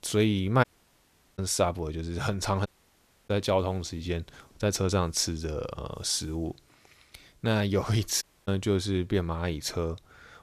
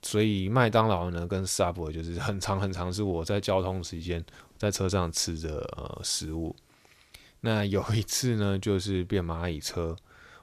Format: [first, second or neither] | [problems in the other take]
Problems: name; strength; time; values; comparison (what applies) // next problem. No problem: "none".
second | audio cutting out; at 0.5 s for 0.5 s, at 2.5 s for 0.5 s and at 8 s